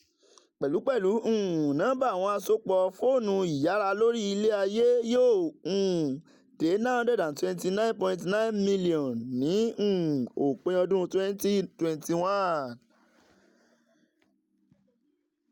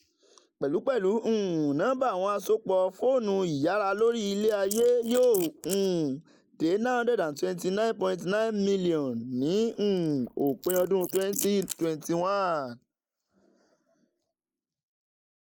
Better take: first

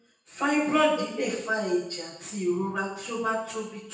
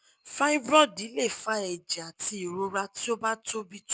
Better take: second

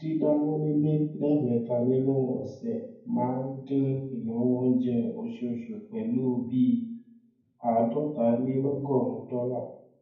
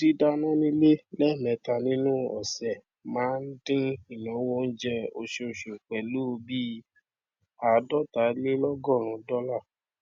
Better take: second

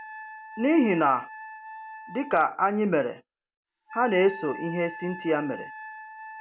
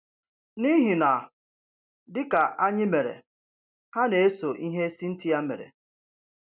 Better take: second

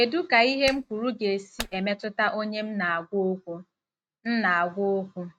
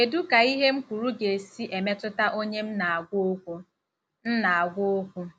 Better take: second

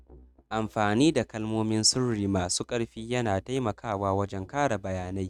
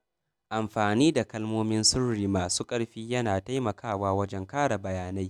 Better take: second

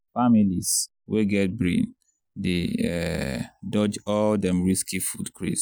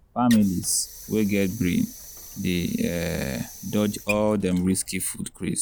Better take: first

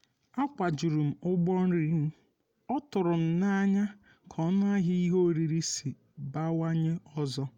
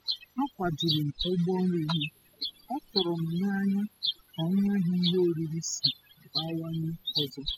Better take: first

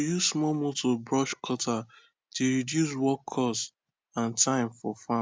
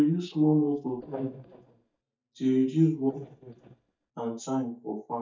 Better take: first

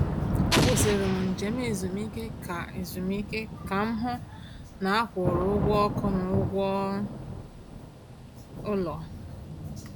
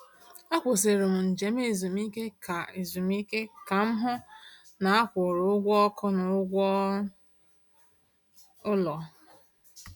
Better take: second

